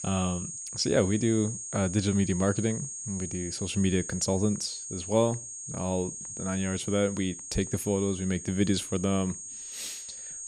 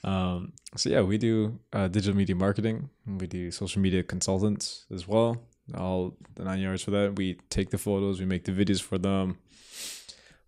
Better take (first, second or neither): second